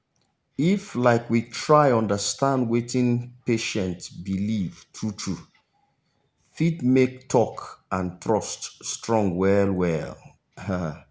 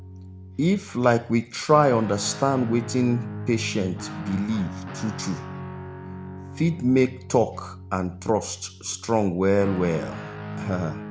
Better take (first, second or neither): first